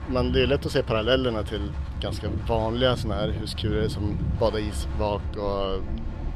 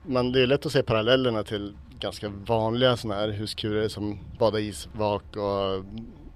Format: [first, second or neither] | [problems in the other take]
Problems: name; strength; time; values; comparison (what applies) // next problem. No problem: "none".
second | wind in the background; loud; throughout; 5 dB below the speech; faint in the second